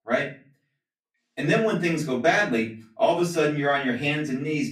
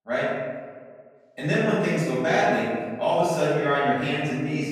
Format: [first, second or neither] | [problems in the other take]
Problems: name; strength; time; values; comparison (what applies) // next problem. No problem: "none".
first | room echo; strong; dies away in 1.4 s; slight in the first // off-mic speech; far; far in the first